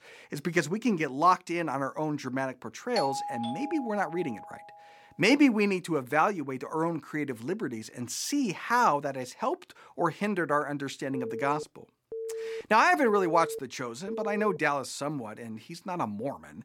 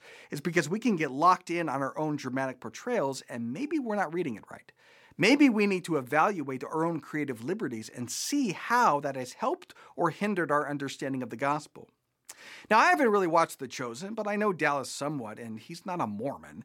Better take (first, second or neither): second